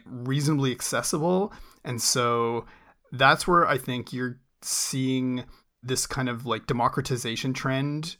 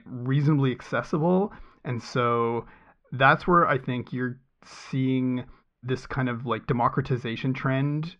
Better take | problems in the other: first | muffled; very; fading above 2.5 kHz

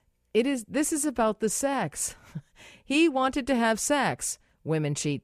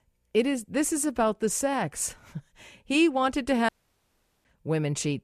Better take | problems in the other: first | audio cutting out; at 3.5 s for 1 s

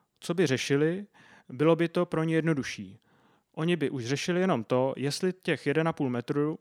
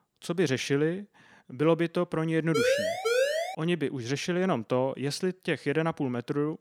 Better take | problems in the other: first | siren; loud; from 2.5 to 3.5 s; peak 3 dB above the speech

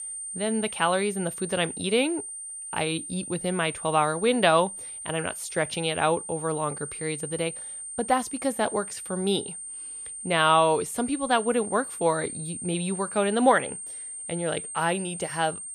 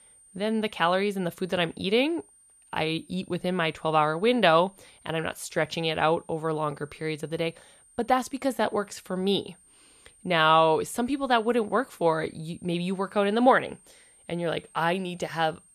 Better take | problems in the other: second | high-pitched whine; loud; throughout; 9 kHz, 8 dB below the speech; faint in the second

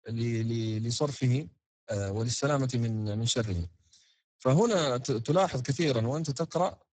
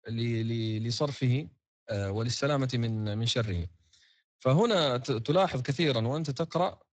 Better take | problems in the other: second | garbled, watery; badly; nothing above 7.5 kHz; slightly in the second

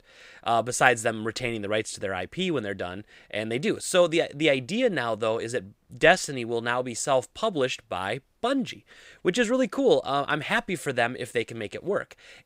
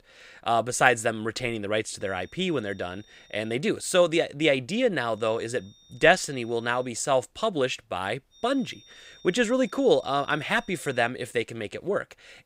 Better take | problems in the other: first | high-pitched whine; faint; from 2 to 3.5 s, from 5 to 7 s and from 8.5 to 11 s; 3.5 kHz, 25 dB below the speech

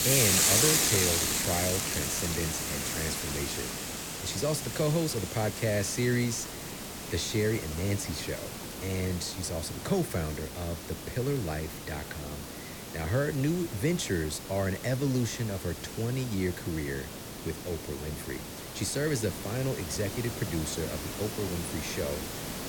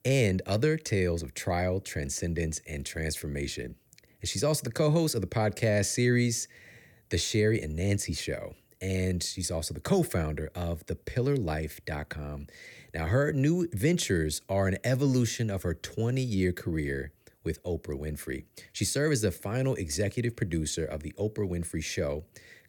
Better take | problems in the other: second | hiss; loud; throughout; as loud as the speech

